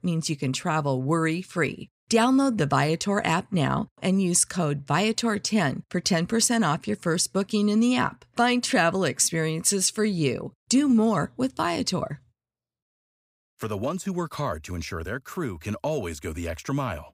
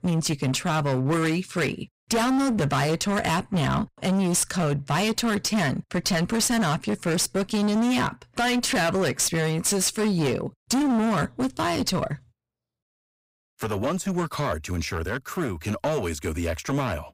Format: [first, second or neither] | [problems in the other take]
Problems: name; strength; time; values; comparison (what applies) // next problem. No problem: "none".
first | distortion; heavy; 23% of the sound clipped